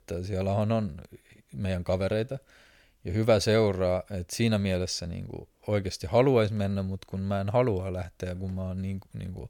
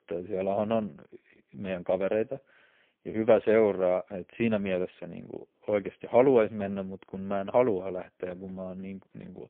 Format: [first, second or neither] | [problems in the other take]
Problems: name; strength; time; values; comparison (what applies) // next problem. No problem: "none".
first | phone-call audio; poor line